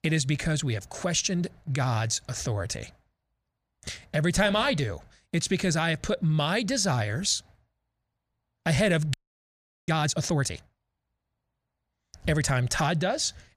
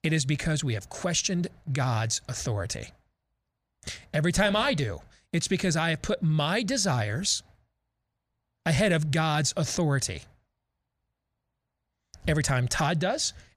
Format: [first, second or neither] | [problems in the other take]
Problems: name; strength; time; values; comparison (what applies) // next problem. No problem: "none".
second | audio freezing; at 9 s for 0.5 s